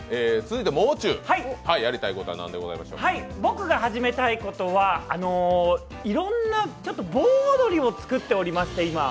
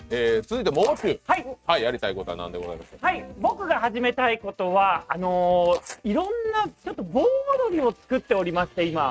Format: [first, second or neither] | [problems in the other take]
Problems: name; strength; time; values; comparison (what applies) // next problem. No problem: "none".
first | noise reduction (neural mask model RNNoise)